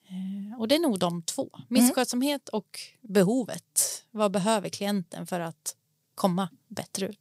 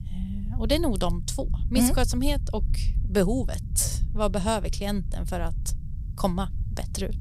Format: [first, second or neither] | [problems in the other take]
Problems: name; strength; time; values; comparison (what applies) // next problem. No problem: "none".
first | low rumble; noticeable; throughout; 20 dB below the speech